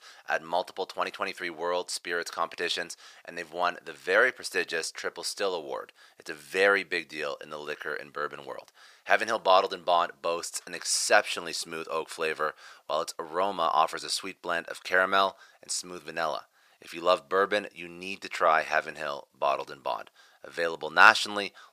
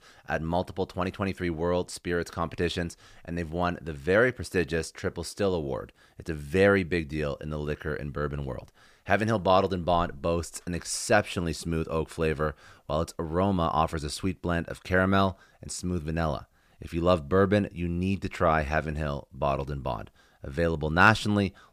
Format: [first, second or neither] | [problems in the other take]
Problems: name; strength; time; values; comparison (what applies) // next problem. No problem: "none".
second | thin; very; fading below 650 Hz